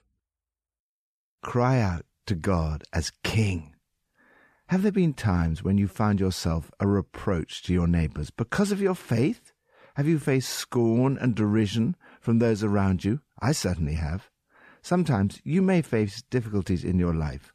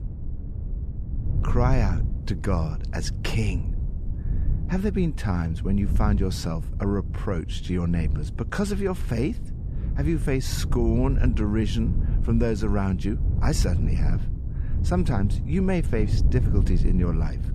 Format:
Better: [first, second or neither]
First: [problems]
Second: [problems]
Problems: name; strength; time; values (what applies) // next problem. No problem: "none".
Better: first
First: none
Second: wind noise on the microphone; occasional gusts; 10 dB below the speech